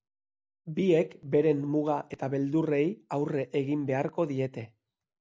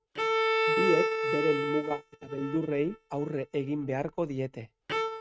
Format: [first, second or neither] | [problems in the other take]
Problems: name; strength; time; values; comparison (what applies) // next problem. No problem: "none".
first | noise reduction (neural mask model RNNoise)